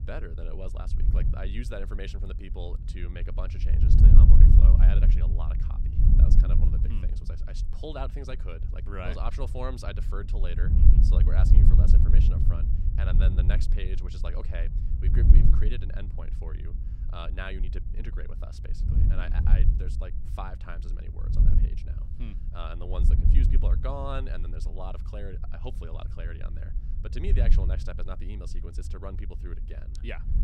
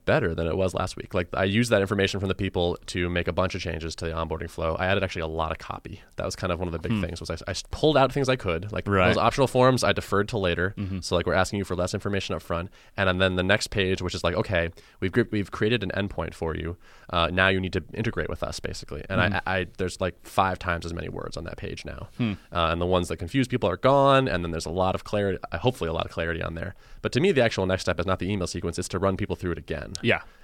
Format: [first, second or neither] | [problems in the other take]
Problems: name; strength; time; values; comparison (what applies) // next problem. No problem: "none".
second | wind noise on the microphone; heavy; 1 dB below the speech